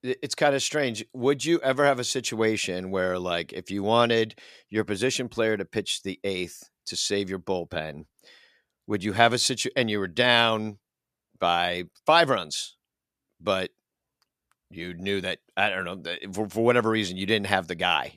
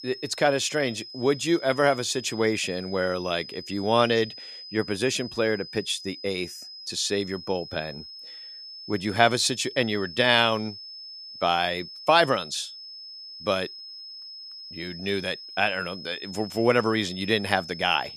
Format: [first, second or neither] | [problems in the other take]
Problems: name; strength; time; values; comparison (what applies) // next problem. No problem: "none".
first | high-pitched whine; noticeable; throughout; 5 kHz, 15 dB below the speech